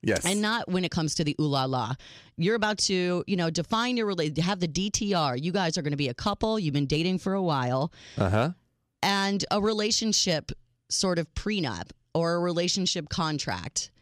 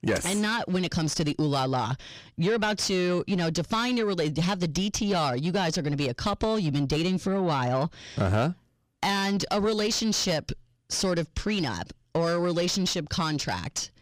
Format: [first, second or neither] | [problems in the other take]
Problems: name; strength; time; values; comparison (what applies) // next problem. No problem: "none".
first | distortion; slight; 10 dB below the speech